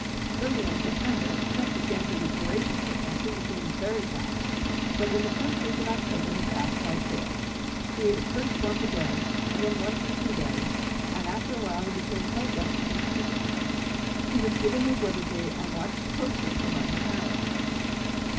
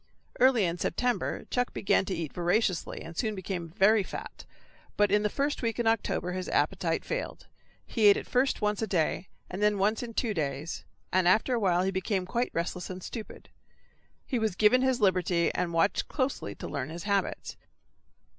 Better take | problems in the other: second | background sound (Engine); 5 dB above the speech // room echo; dies away in 0.4 s

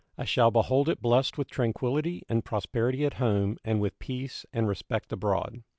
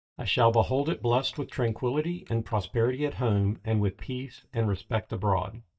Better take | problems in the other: first | noise reduction (neural mask model DeepFilterNet 3)

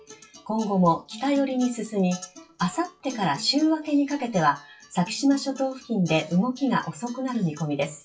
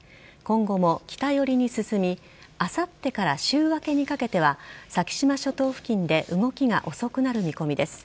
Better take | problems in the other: second | noise reduction (classical method WPE with log-MMSE)

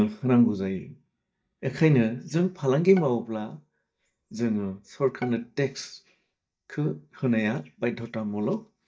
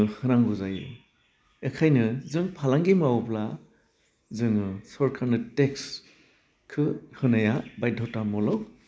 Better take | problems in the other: second | noise reduction (neural mask model DeepFilterNet 3)

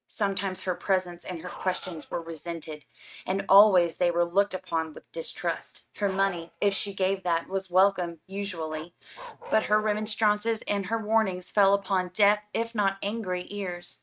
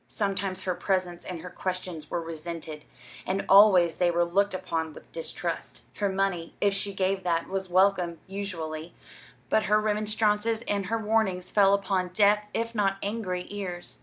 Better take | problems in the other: second | noise reduction (neural mask model RNNoise)

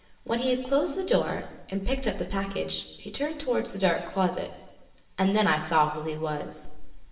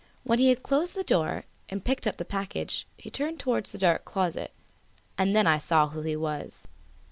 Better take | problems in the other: second | room echo; dies away in 1.1 s

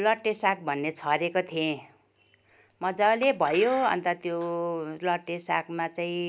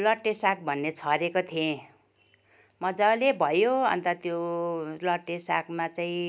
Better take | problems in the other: second | background sound (Chink, clink); 19 dB below the speech

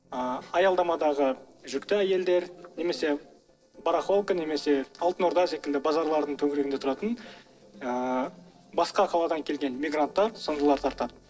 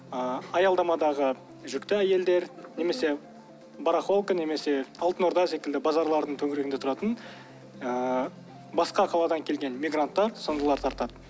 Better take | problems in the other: second | noise reduction (neural separator model SepFormer DNS4)

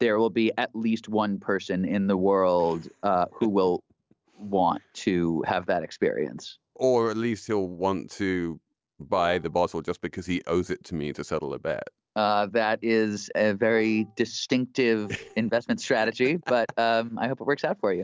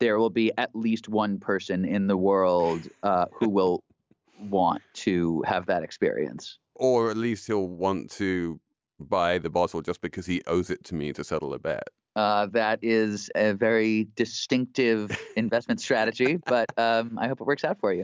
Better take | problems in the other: second | noise reduction (neural separator model SepFormer DNS4)

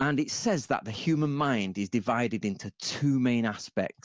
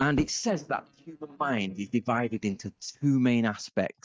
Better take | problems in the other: first | noise reduction (neural mask model DeepFilterNet 3)

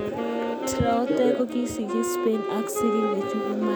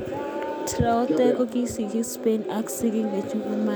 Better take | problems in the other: second | background sound (Wind instrument, woodwind instrument); 3 dB below the speech

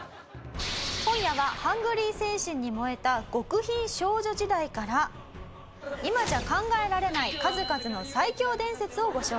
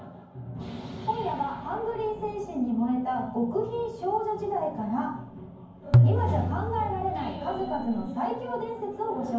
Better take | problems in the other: first | background sound (Tabla); 5 dB above the speech // room echo; dies away in 0.9 s

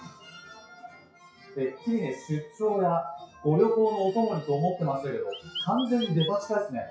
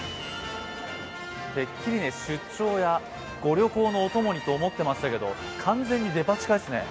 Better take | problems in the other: second | noise reduction (classical method WPE with log-MMSE)

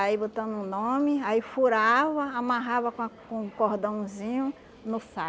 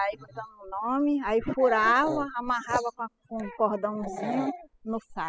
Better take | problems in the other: first | noise reduction (classical method spectral subtraction)

